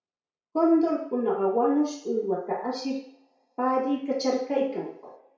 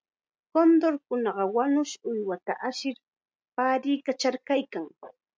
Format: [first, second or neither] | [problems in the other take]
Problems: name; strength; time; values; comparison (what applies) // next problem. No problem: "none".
second | room echo; dies away in 0.6 s